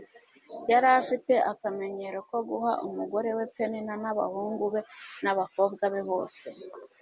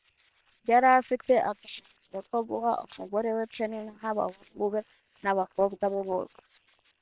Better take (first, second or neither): first